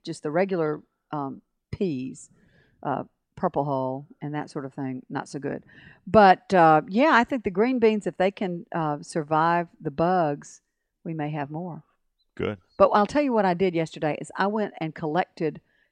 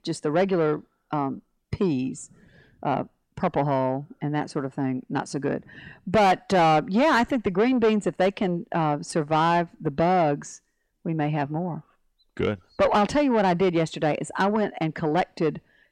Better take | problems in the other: first | distortion; heavy; 7 dB below the speech

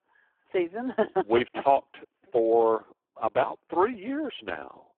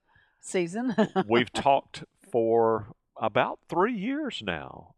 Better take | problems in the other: second | phone-call audio; poor line

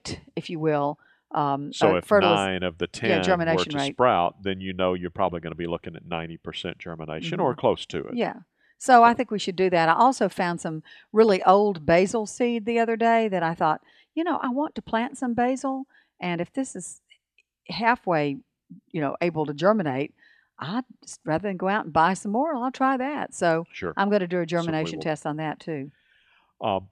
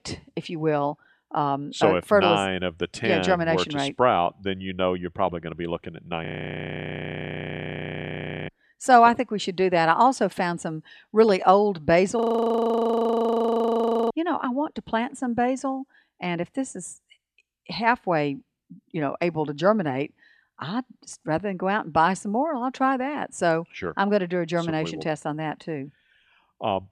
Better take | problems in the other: first | audio freezing; at 6.5 s for 2 s and at 12 s for 2 s

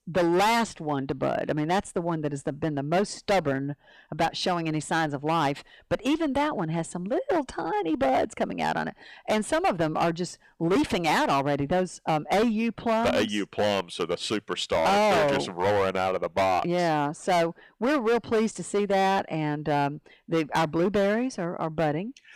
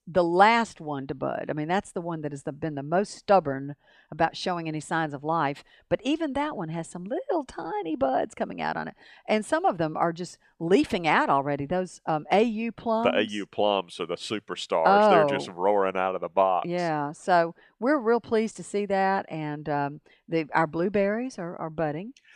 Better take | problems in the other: second | distortion; heavy; 14% of the sound clipped

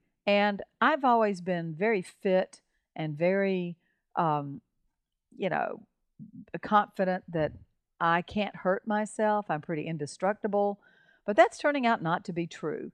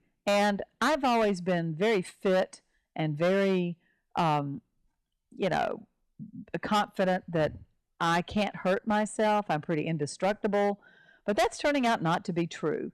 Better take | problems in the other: first | distortion; heavy; 11% of the sound clipped

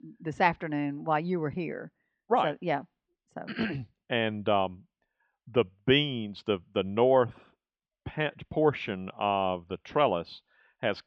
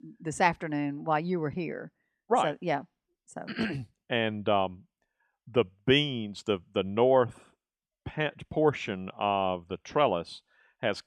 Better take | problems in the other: second | muffled; very slightly; fading above 4.5 kHz

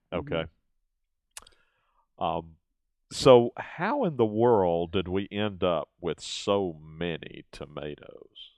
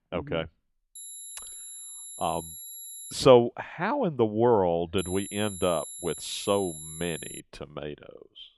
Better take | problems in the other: first | high-pitched whine; noticeable; from 1 to 3 s and from 5 to 7.5 s; 11 kHz, 10 dB below the speech

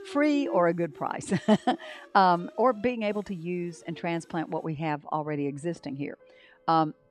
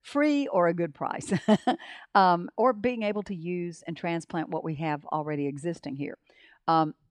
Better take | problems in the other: second | background music; noticeable; throughout; 15 dB below the speech

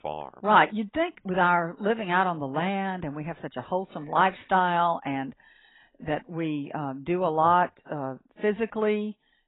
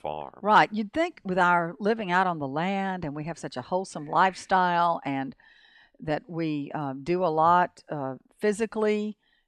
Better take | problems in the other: second | garbled, watery; badly; nothing above 3.5 kHz

